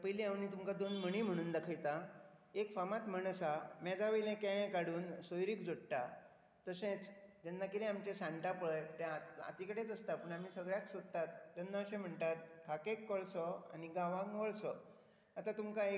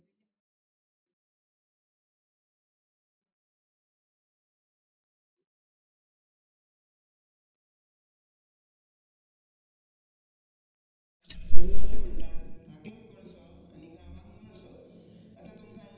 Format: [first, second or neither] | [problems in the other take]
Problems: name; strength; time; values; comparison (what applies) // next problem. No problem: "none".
first | noise reduction (neural mask model DeepFilterNet 3)